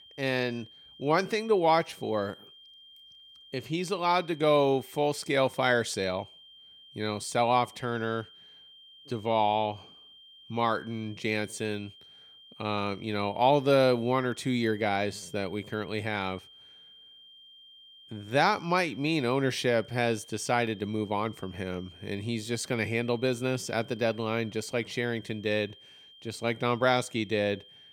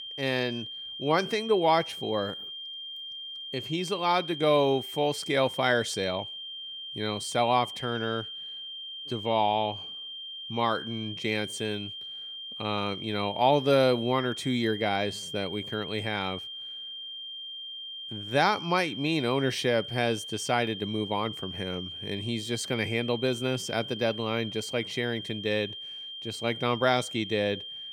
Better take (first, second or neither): first